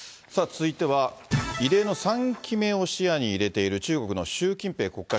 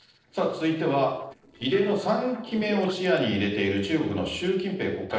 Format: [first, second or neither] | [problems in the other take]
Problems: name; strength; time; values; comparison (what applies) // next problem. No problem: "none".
first | noise reduction (neural separator model SepFormer DNS4)